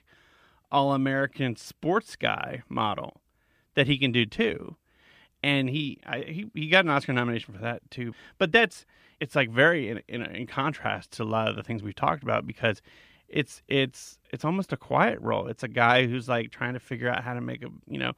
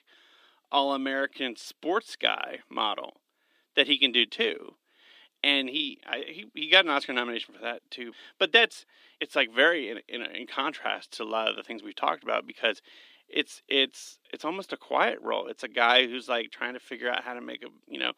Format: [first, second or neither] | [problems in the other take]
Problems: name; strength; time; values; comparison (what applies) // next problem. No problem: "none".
first | thin; very slightly; fading below 300 Hz